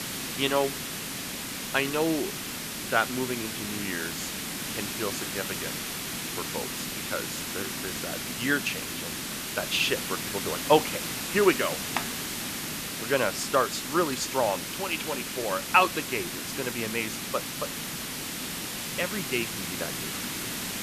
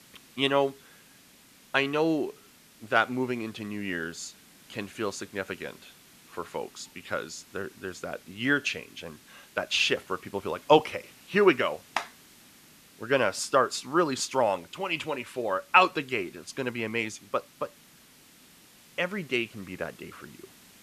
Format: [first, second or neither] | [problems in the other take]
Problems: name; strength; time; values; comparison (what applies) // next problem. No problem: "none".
second | hiss; loud; throughout; 3 dB below the speech; faint in the second